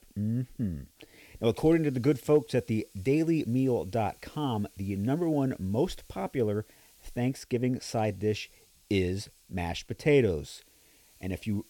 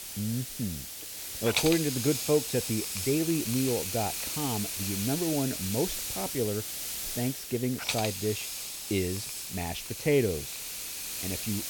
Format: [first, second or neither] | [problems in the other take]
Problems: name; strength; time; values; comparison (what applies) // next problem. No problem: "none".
first | hiss; loud; throughout; 2 dB below the speech; faint in the first